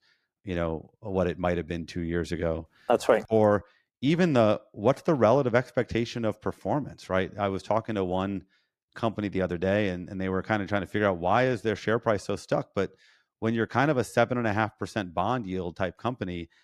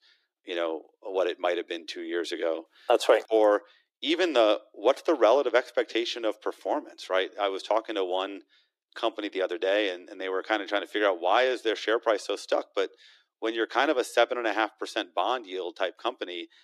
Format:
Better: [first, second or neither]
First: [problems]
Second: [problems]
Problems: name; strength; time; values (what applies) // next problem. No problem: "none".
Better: first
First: none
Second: thin; very; fading below 300 Hz